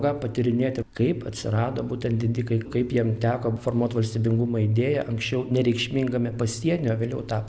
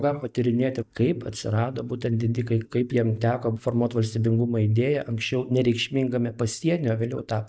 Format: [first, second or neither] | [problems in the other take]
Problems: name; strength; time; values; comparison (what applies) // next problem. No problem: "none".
first | noise reduction (neural mask model DeepFilterNet 3)